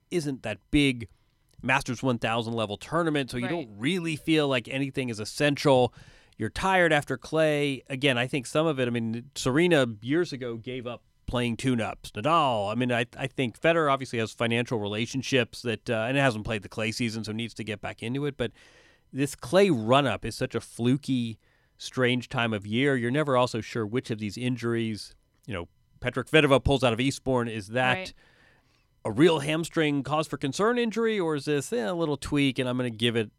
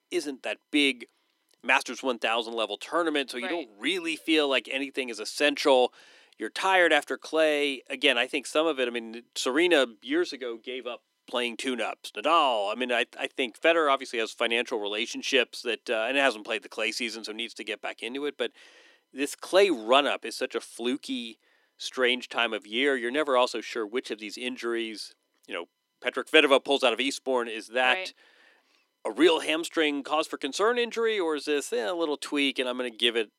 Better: first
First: none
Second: thin; somewhat; fading below 300 Hz

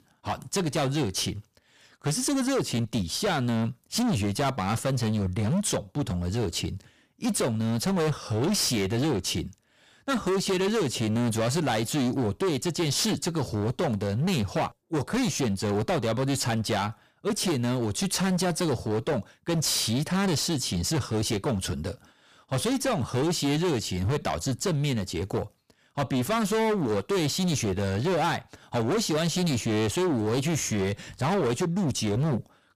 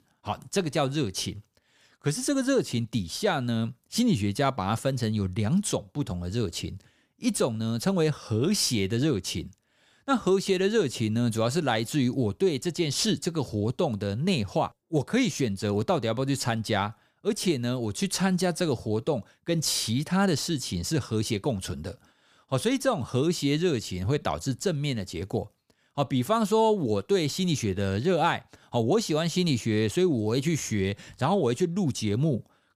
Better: second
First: distortion; heavy; 22% of the sound clipped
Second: none

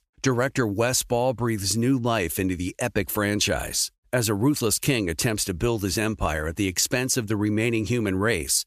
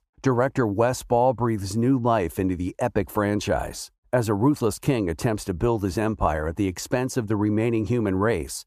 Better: first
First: none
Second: muffled; slightly; fading above 1.5 kHz

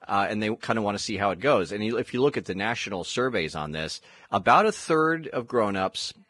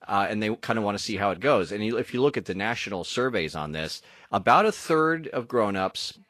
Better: second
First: garbled, watery; badly; nothing above 10 kHz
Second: garbled, watery; slightly; nothing above 13 kHz

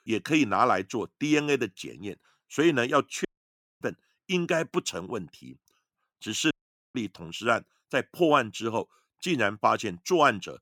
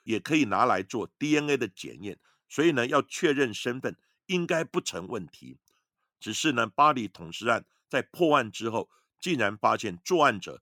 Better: second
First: audio cutting out; at 3.5 s for 0.5 s and at 6.5 s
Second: none

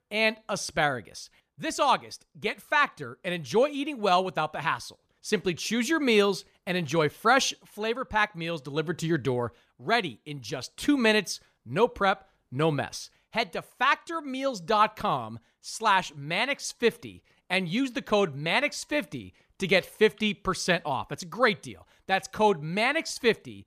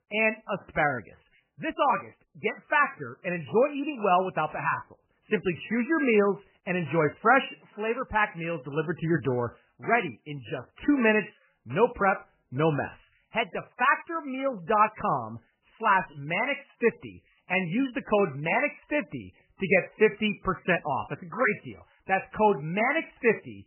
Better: first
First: none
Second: garbled, watery; badly; nothing above 3 kHz

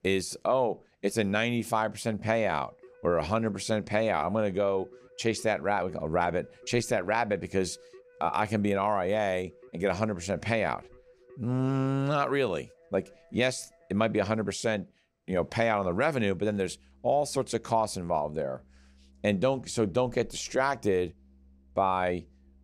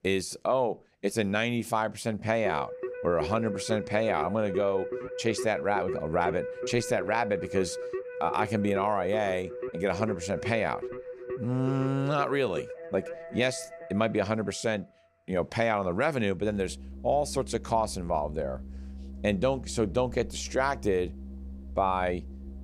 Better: first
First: background music; faint; throughout; 25 dB below the speech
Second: background music; loud; throughout; 9 dB below the speech

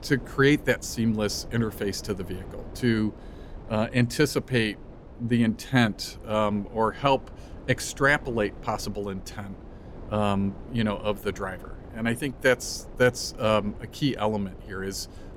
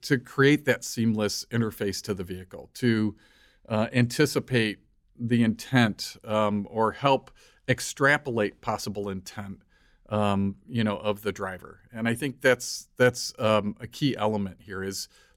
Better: second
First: wind noise on the microphone; occasional gusts; 20 dB below the speech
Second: none

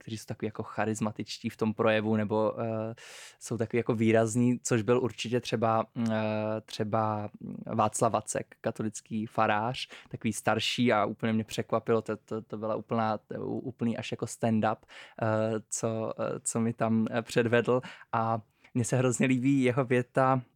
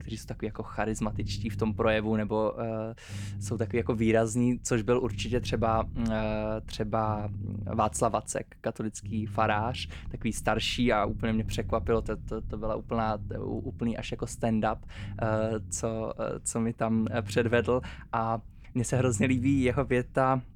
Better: first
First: none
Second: low rumble; faint; throughout; 25 dB below the speech

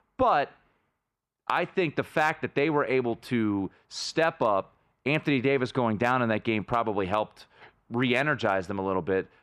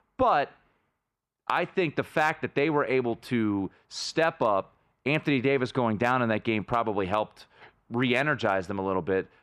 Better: neither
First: none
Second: none

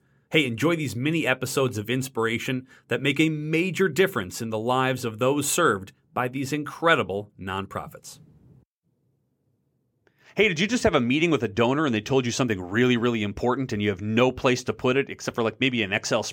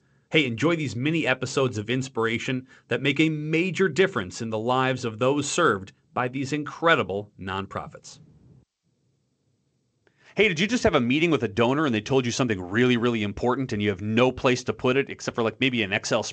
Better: first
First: none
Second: garbled, watery; slightly; nothing above 8 kHz

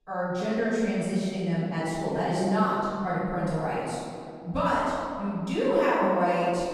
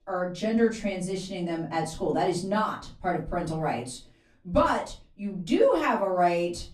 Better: second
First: room echo; strong; dies away in 2.2 s // off-mic speech; far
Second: room echo; slight; dies away in 0.3 s // off-mic speech; far

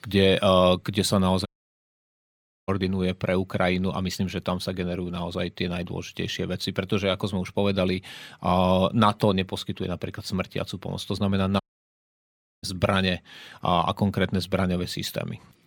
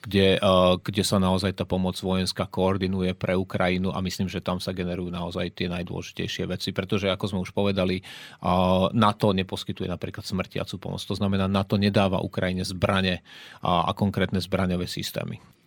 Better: second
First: audio cutting out; at 1.5 s for 1 s and at 12 s for 1 s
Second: none

